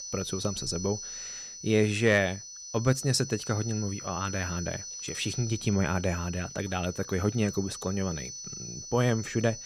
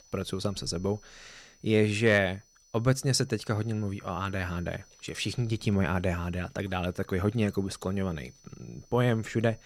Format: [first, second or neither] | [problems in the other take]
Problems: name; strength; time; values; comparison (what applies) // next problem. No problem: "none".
second | high-pitched whine; loud; throughout; 6 kHz, 9 dB below the speech; faint in the second